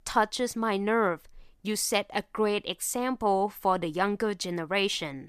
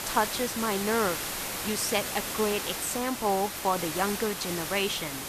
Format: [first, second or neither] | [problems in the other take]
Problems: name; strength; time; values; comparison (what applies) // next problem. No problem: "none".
first | hiss; loud; throughout; 3 dB below the speech